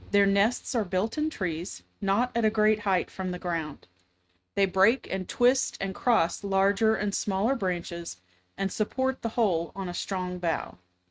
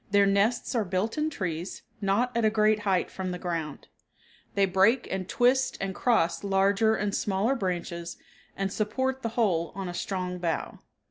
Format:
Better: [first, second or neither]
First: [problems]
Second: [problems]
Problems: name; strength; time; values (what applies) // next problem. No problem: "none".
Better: second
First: noise reduction (neural mask model RNNoise)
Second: none